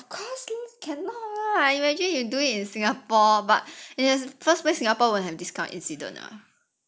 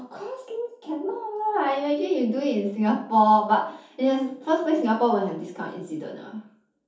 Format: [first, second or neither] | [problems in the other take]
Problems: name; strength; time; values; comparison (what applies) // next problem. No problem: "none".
first | room echo; dies away in 0.5 s